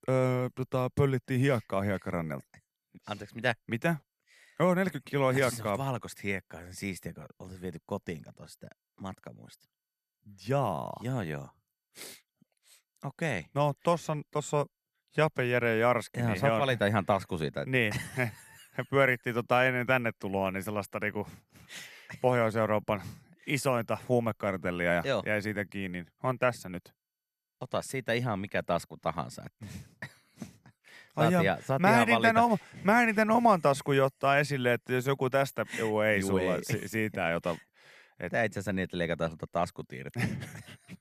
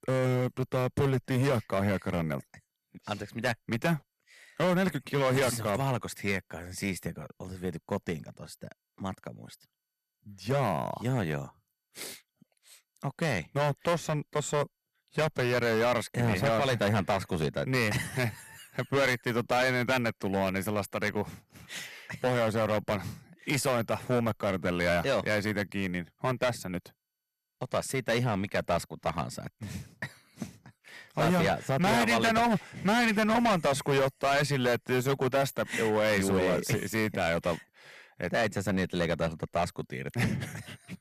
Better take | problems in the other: first | distortion; heavy; 10% of the sound clipped

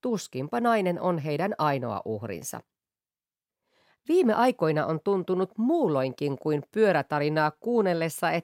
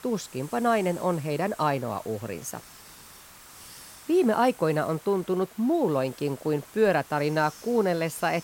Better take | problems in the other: first | hiss; noticeable; throughout; 20 dB below the speech

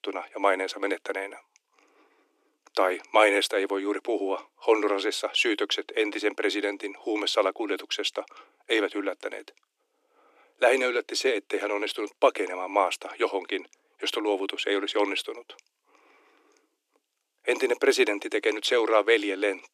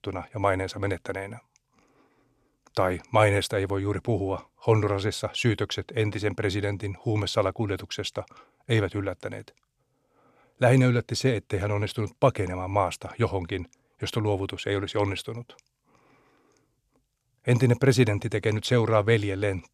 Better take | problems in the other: second | thin; very; fading below 300 Hz

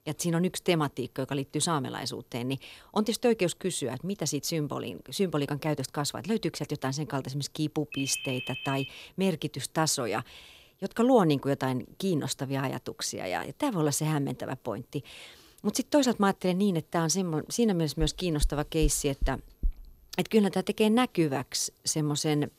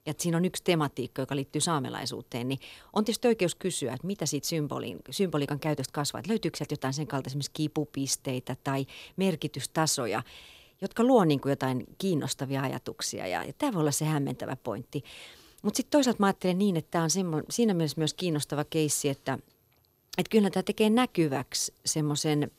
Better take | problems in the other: second | phone ringing; noticeable; at 8 s; peak 6 dB below the speech // door banging; noticeable; from 18 to 20 s; peak 8 dB below the speech

